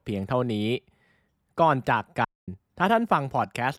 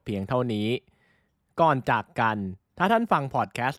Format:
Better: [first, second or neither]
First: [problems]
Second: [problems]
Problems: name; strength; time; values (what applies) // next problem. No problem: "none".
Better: second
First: audio cutting out; at 2.5 s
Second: none